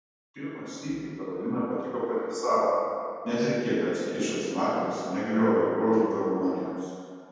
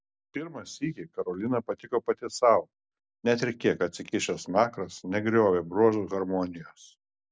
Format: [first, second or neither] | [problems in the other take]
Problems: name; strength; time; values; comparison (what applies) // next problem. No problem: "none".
second | room echo; dies away in 2.1 s